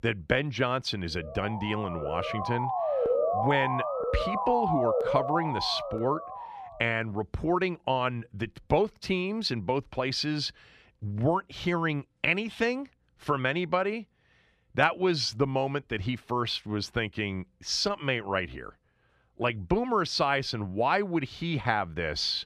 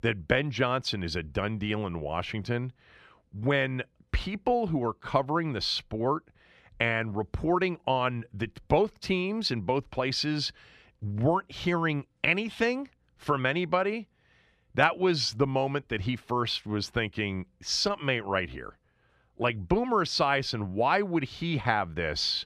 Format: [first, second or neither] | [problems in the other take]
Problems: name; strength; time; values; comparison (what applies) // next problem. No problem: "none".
second | siren; loud; from 1.5 to 6.5 s; peak 3 dB above the speech